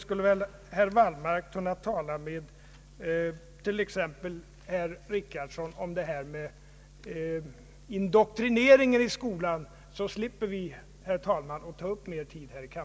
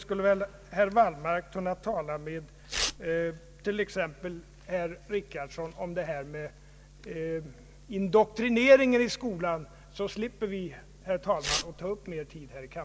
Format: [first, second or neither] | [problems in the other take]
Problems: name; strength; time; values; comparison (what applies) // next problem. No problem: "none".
first | background sound (Tearing); 8 dB below the speech